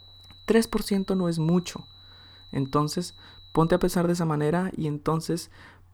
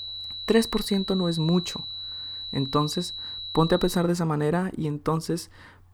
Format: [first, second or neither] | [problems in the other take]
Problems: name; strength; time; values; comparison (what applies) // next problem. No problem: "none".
first | high-pitched whine; loud; until 4 s; 4 kHz, 7 dB below the speech; faint in the first